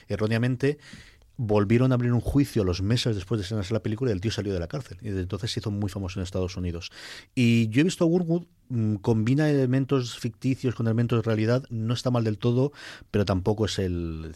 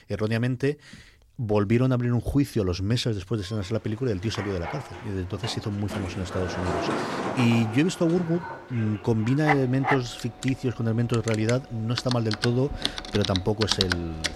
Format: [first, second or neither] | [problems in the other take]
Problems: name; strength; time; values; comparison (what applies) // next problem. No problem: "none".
first | household noises; loud; from 3.5 s on; 5 dB below the speech